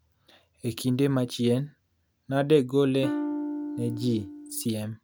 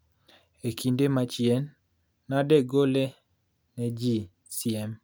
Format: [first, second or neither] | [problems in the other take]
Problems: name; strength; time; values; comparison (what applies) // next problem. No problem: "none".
second | background sound (Electric guitar / Strum); 6 dB below the speech